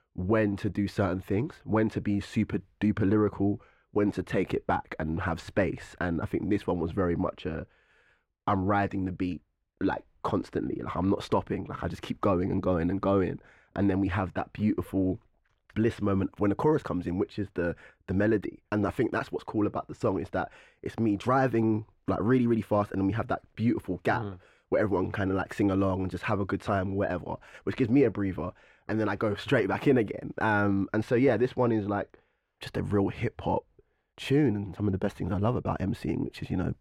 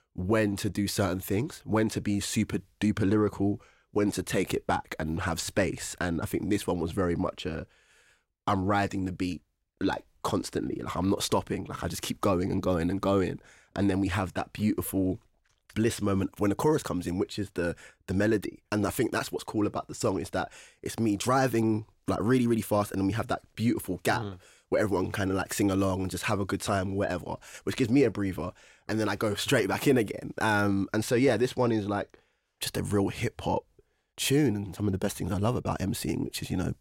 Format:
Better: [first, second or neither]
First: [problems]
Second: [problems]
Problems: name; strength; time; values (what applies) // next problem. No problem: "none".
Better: second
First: muffled; slightly; fading above 4 kHz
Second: none